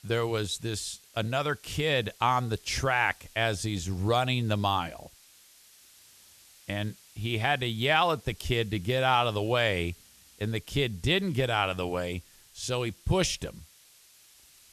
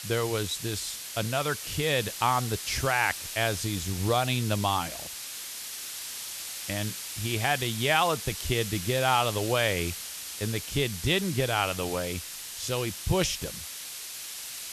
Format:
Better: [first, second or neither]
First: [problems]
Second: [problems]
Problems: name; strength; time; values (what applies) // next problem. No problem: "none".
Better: first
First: hiss; faint; throughout; 25 dB below the speech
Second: hiss; loud; throughout; 7 dB below the speech